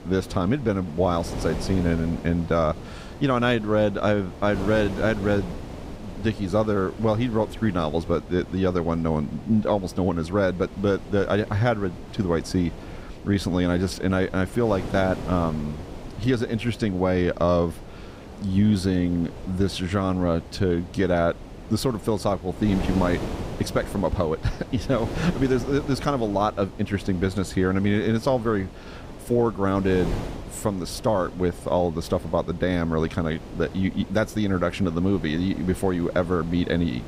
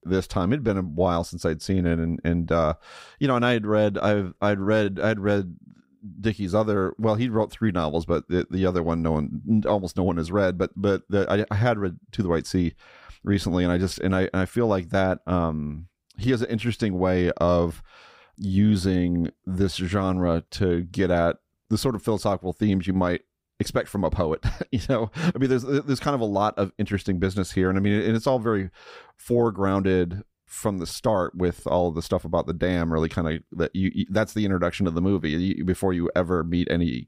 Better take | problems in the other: second | wind noise on the microphone; occasional gusts; 15 dB below the speech

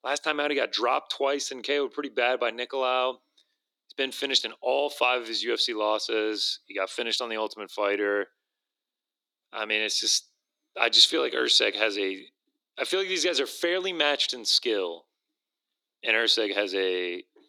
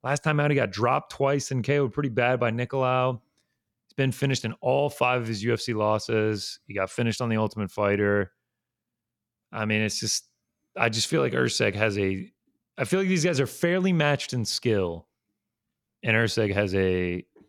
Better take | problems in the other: second | thin; somewhat; fading below 300 Hz

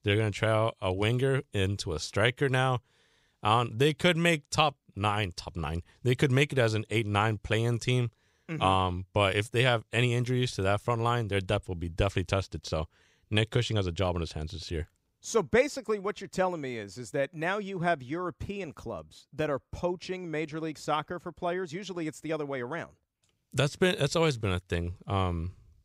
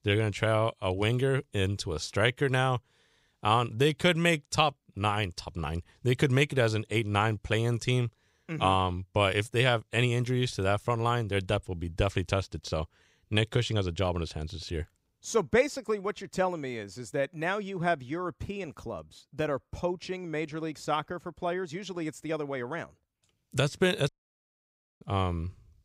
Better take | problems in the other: first | audio cutting out; at 24 s for 1 s

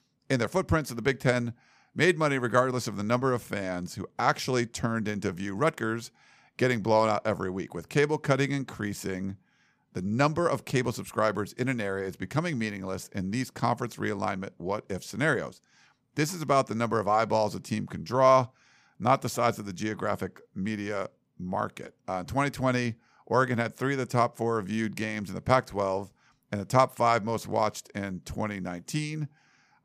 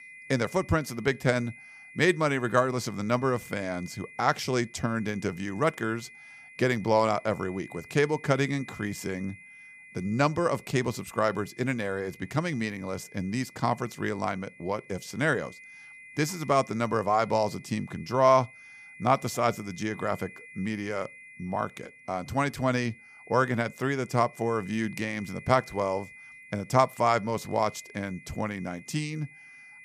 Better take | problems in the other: first | high-pitched whine; noticeable; throughout; 2 kHz, 20 dB below the speech

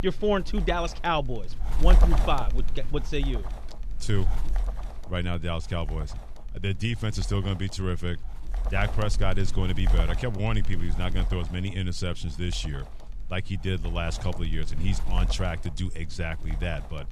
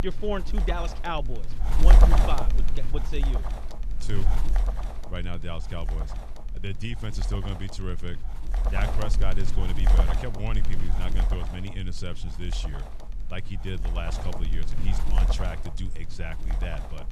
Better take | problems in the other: first | wind noise on the microphone; heavy; 2 dB below the speech; occasional gusts in the first

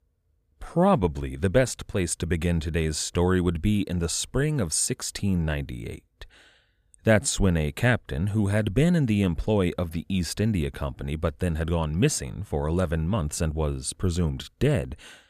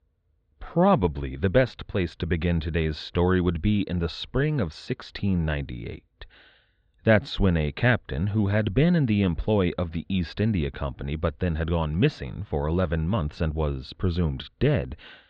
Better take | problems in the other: first | muffled; slightly; fading above 4 kHz

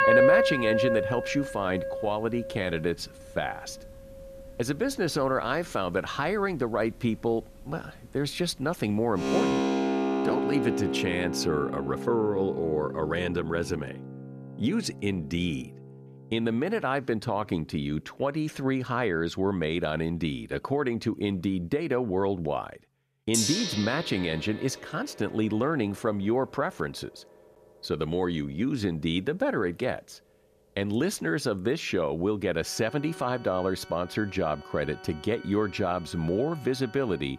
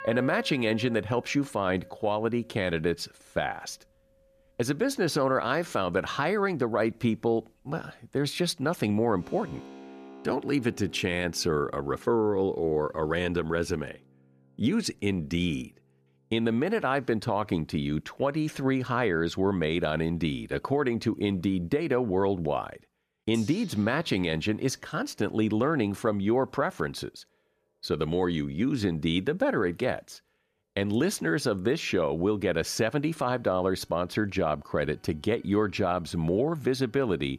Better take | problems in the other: second | background music; loud; throughout; 1 dB below the speech; faint in the second

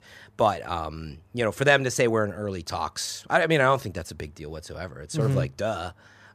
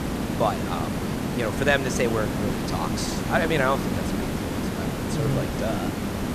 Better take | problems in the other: first | hiss; loud; throughout; 1 dB below the speech

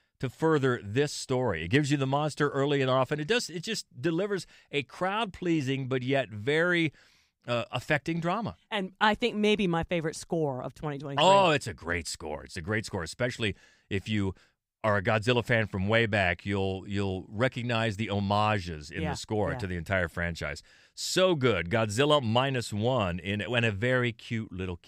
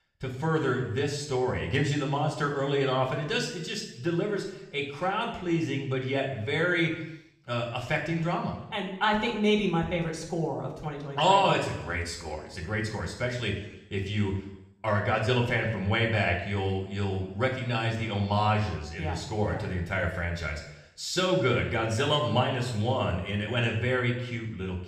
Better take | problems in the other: first | room echo; noticeable; dies away in 0.8 s // off-mic speech; somewhat distant

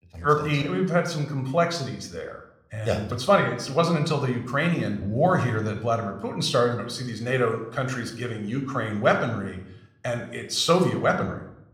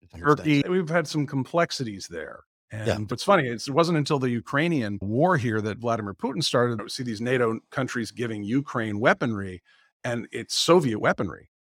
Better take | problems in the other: second | room echo; slight; dies away in 0.6 s

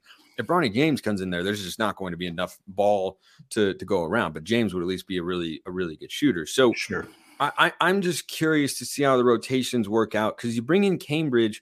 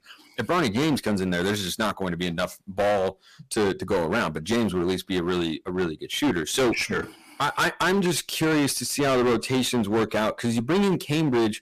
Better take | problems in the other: first | distortion; heavy; 19% of the sound clipped

